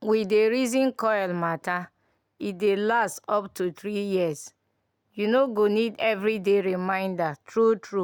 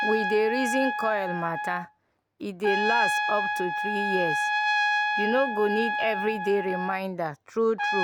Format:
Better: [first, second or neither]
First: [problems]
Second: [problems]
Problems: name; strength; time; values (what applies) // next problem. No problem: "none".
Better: first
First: none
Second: background sound (Trumpet); as loud as the speech